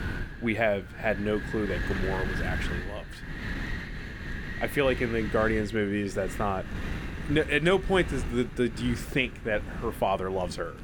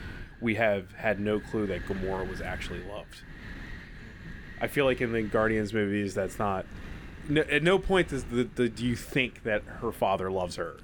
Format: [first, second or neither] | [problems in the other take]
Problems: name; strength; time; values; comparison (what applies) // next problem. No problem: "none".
second | wind noise on the microphone; heavy; 9 dB below the speech; occasional gusts in the second